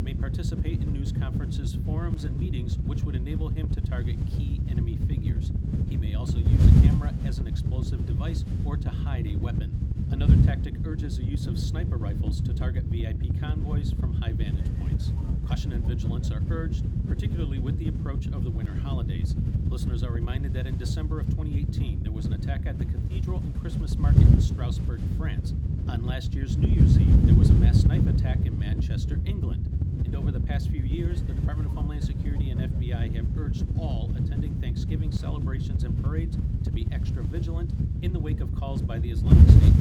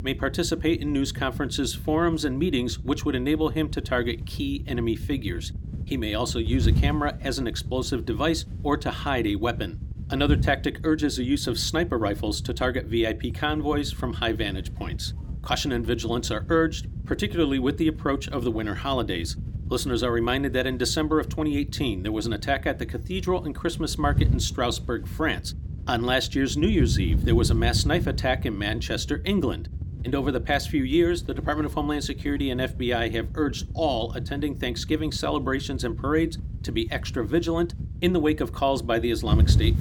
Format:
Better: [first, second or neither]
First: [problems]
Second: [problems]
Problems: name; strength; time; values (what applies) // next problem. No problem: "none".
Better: second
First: wind noise on the microphone; heavy; 4 dB above the speech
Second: wind noise on the microphone; occasional gusts; 15 dB below the speech